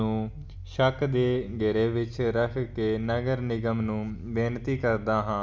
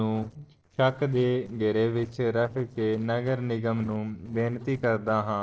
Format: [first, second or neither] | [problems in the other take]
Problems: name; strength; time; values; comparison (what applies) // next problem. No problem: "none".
first | noise reduction (neural separator model SepFormer DNS4)